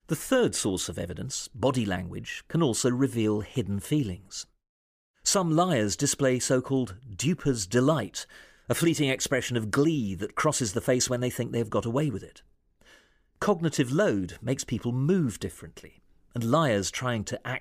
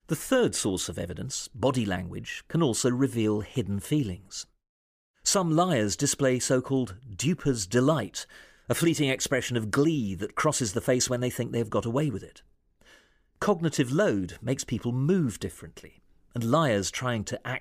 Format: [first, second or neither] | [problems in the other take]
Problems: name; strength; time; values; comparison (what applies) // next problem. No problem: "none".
neither | none